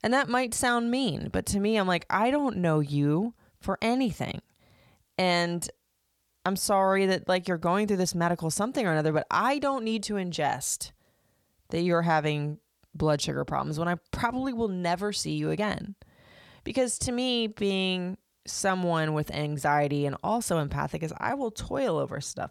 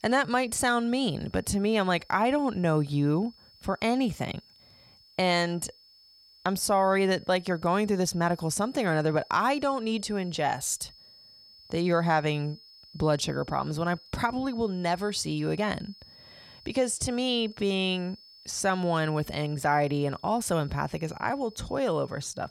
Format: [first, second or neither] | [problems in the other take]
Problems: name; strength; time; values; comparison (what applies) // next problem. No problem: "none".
first | high-pitched whine; faint; throughout; 5 kHz, 25 dB below the speech